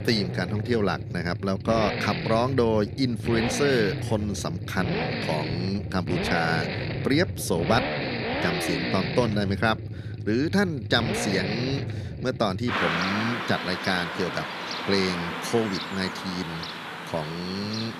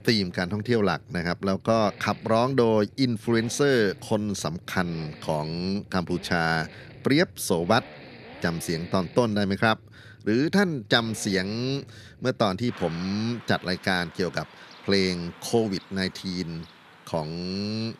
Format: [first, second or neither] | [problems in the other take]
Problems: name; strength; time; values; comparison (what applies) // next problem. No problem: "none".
second | traffic noise; loud; throughout; 3 dB below the speech; faint in the second